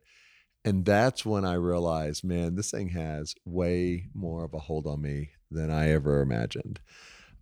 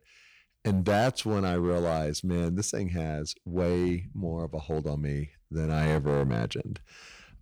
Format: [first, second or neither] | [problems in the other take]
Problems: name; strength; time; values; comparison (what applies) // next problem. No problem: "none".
first | distortion; slight; 4% of the sound clipped